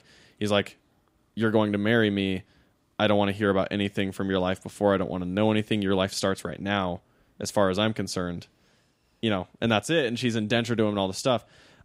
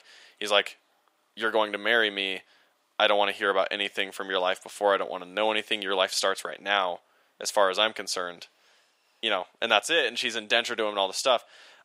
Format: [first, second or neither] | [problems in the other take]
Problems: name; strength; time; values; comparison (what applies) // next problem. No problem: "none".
first | thin; very; fading below 700 Hz